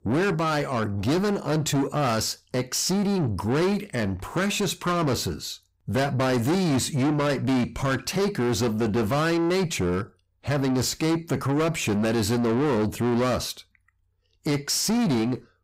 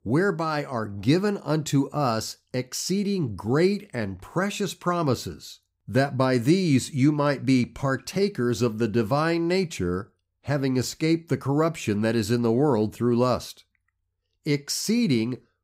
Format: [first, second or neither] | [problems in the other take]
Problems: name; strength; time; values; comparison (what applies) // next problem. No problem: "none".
second | distortion; heavy; 6 dB below the speech